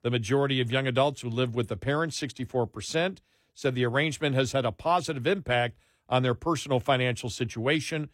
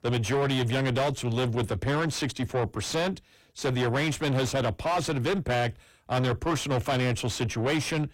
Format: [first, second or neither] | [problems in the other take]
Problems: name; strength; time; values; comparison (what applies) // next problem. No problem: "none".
first | distortion; heavy; 5 dB below the speech